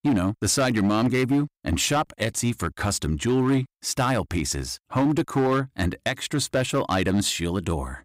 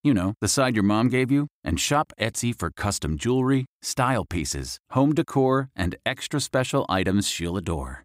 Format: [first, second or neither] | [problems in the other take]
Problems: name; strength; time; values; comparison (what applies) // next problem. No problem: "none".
second | distortion; slight; 8% of the sound clipped